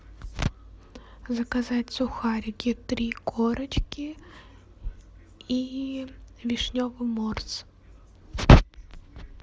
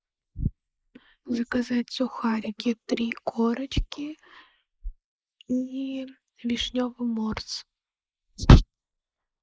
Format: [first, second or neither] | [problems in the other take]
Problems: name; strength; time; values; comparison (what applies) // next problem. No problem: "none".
first | noise reduction (neural mask model Resemble Enhance denoiser)